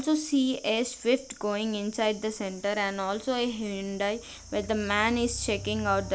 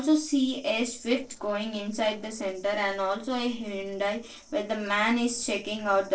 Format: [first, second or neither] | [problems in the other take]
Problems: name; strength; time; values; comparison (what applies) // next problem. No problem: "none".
first | noise reduction (neural separator model SepFormer DNS4)